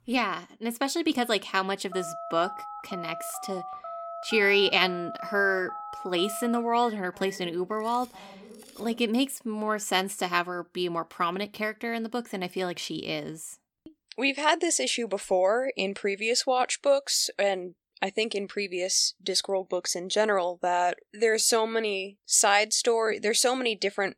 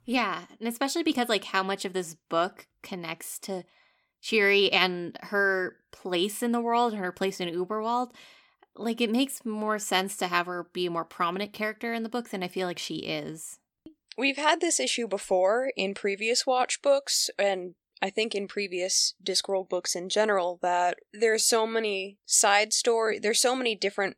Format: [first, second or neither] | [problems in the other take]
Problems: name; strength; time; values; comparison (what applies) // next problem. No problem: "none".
second | phone ringing; faint; from 2 to 9 s; peak 10 dB below the speech